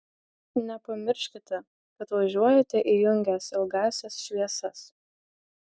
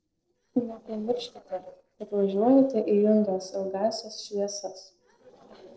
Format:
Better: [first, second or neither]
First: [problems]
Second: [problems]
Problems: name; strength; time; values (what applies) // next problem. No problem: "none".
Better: first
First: none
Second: noise reduction (neural separator model SepFormer DNS4)